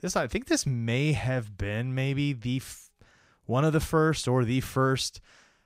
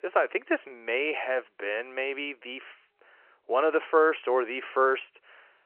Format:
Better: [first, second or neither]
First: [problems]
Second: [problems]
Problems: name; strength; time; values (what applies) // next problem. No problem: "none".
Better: first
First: none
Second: phone-call audio; nothing above 2.5 kHz